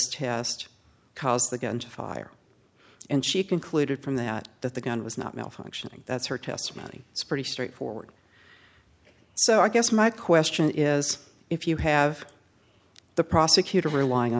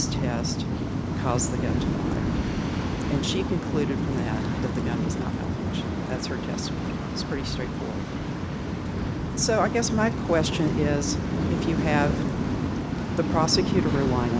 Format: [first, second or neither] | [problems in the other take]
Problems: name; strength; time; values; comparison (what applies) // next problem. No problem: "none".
first | background sound (Waves, surf); 3 dB above the speech